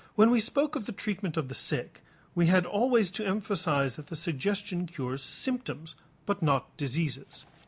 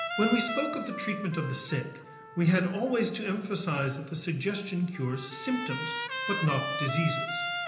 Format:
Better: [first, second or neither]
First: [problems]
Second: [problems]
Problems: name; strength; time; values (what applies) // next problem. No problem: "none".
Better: first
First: none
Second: background sound (Trumpet); 6 dB below the speech // room echo; dies away in 1 s